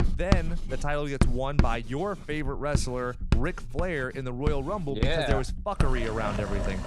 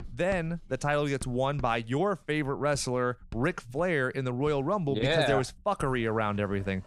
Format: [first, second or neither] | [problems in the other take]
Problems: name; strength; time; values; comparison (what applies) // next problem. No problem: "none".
second | household noises; loud; throughout; as loud as the speech; faint in the second